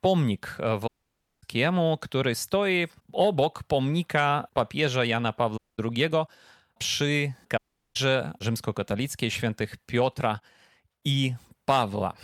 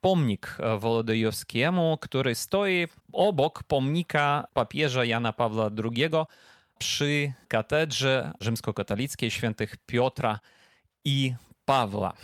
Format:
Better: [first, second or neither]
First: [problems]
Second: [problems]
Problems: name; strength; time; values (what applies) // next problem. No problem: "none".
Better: second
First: audio cutting out; at 1 s for 0.5 s, at 5.5 s and at 7.5 s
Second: none